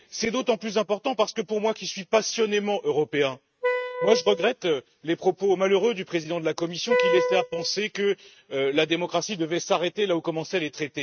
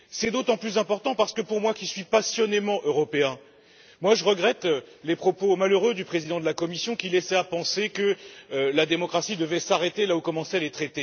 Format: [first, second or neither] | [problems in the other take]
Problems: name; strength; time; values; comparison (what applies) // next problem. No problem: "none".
second | noise reduction (neural mask model RNNoise)